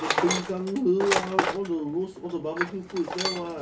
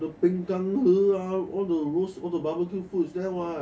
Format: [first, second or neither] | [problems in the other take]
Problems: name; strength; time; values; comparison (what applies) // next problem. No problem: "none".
second | background sound (Tools); 2 dB below the speech